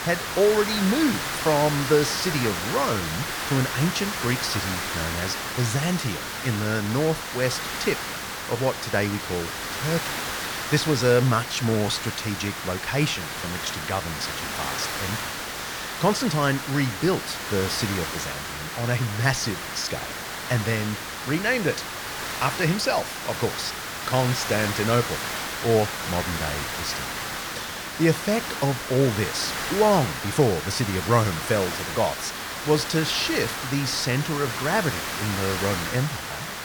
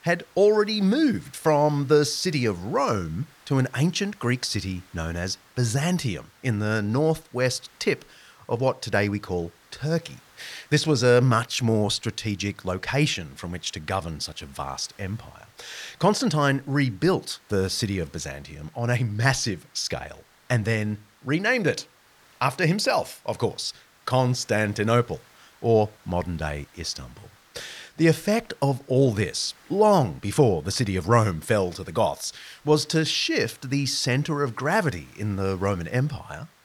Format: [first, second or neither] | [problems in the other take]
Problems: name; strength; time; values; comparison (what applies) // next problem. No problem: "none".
second | hiss; loud; throughout; 4 dB below the speech; faint in the second